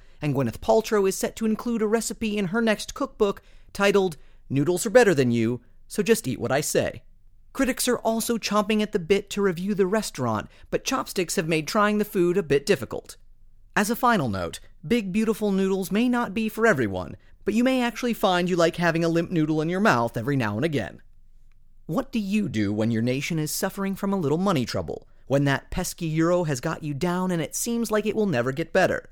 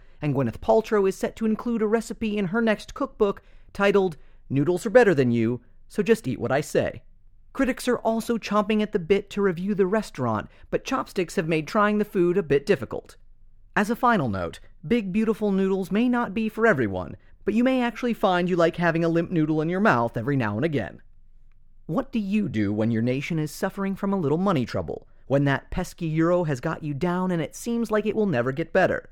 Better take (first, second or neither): first